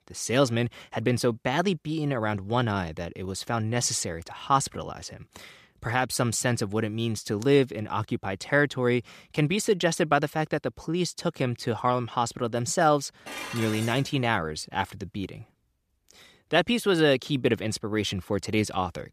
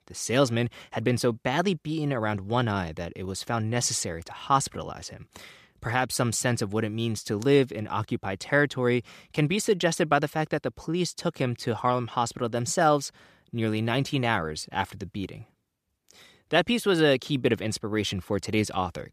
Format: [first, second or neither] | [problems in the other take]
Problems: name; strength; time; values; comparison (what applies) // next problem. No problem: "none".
second | clattering dishes; noticeable; at 13 s; peak 8 dB below the speech